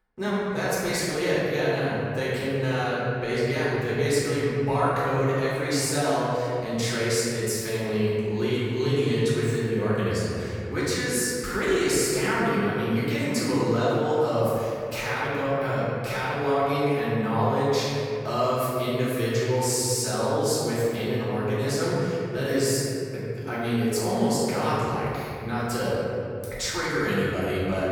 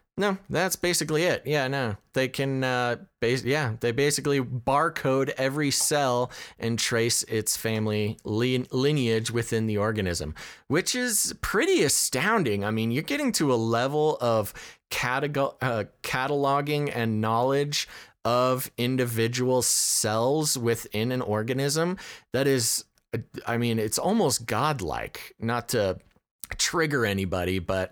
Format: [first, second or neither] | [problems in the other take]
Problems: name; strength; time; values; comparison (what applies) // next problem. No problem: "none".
second | room echo; strong; dies away in 2.5 s // off-mic speech; far